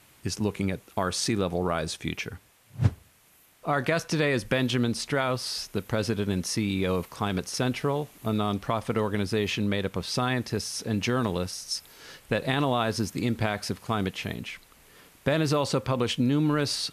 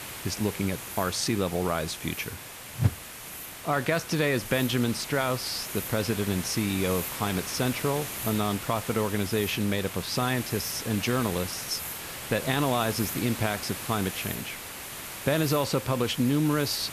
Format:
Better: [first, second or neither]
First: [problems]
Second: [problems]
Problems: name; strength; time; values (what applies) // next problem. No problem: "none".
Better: first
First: hiss; faint; throughout; 25 dB below the speech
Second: hiss; loud; throughout; 7 dB below the speech